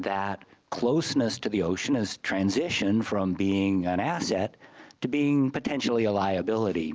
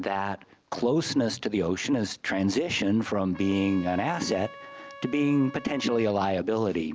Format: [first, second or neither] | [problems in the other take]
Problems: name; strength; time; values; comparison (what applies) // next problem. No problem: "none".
first | background sound (Trumpet); 18 dB below the speech